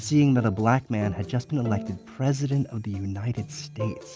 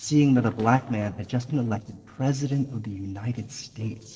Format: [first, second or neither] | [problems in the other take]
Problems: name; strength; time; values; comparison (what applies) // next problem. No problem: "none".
first | noise reduction (neural separator model SepFormer DNS4)